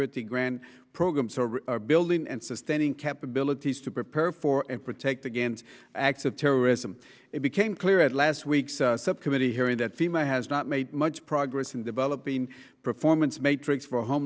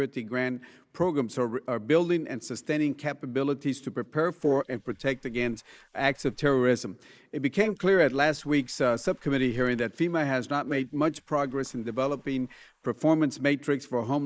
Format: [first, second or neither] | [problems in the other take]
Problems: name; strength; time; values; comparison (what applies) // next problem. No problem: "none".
first | noise reduction (neural mask model Resemble Enhance denoiser)